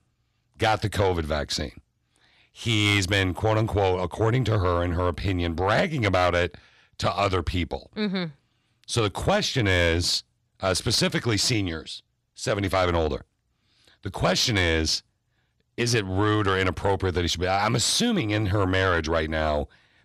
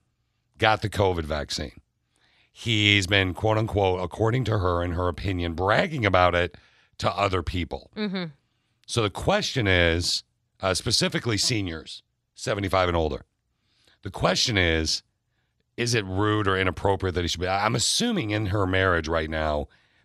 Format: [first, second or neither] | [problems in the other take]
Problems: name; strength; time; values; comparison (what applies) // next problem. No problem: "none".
second | distortion; slight; 10 dB below the speech